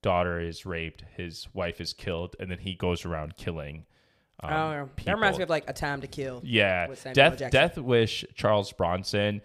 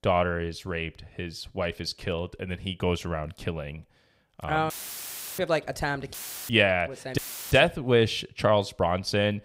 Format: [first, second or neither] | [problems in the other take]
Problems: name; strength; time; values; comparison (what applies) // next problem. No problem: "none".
first | audio cutting out; filled with static; at 4.5 s for 0.5 s, at 6 s and at 7 s